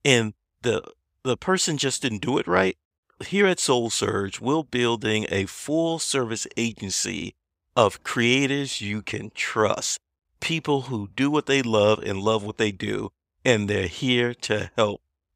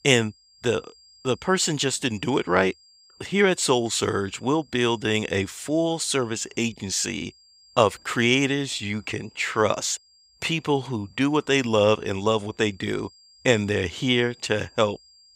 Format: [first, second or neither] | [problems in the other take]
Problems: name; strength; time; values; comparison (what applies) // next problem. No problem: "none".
first | high-pitched whine; faint; throughout; 5 kHz, 30 dB below the speech